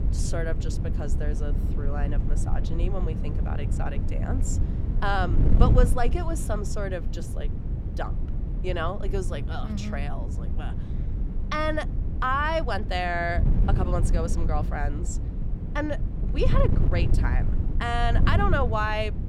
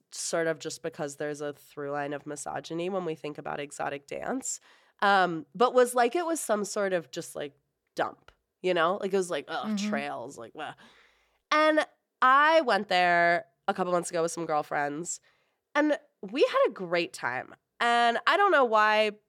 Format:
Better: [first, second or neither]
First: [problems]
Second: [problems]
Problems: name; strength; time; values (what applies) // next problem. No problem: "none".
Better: second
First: wind noise on the microphone; occasional gusts; 10 dB below the speech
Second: none